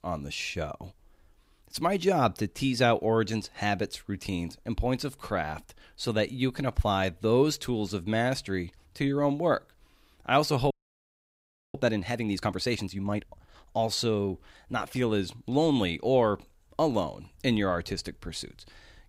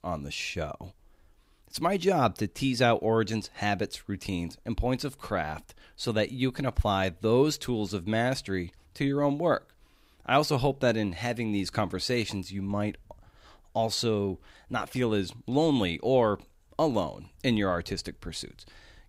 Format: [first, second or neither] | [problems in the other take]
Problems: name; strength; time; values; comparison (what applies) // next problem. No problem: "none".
second | audio freezing; at 11 s for 1 s